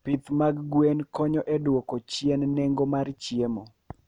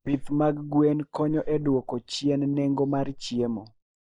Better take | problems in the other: first | noise reduction (neural mask model Resemble Enhance denoiser)

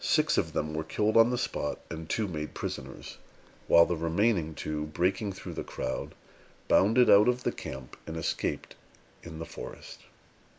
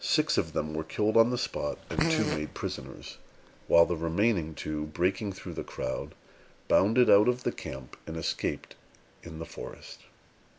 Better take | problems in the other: first | background sound (Fart); 4 dB below the speech

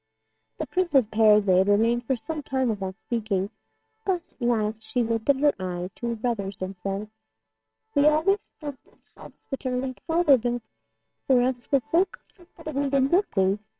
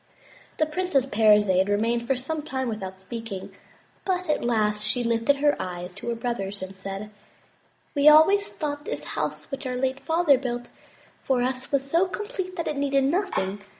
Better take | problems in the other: second | noise reduction (neural separator model SepFormer WHAMR!)

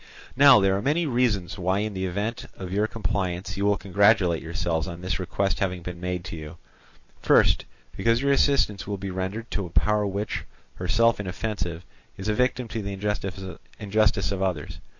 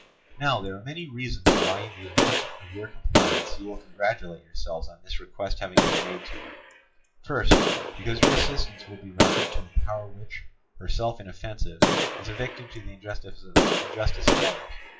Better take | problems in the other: first | noise reduction (classical method WPE with log-MMSE)

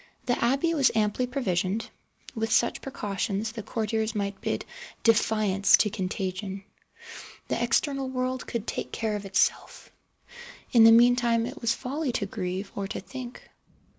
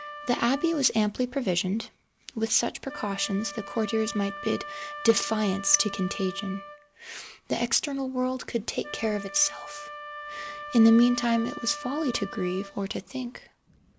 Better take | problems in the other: first | background sound (Wind instrument, woodwind instrument); 14 dB below the speech

